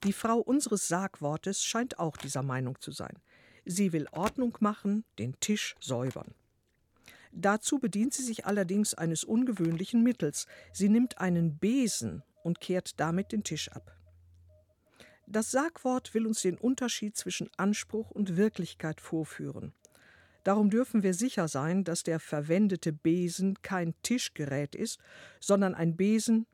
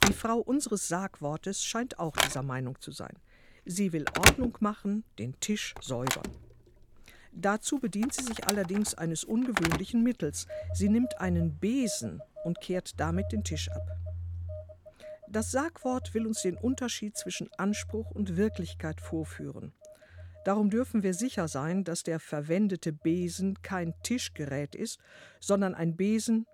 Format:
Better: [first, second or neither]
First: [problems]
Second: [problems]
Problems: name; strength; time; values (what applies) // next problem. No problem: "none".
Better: first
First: alarms or sirens; faint; throughout; 25 dB below the speech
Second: alarms or sirens; loud; throughout; 2 dB below the speech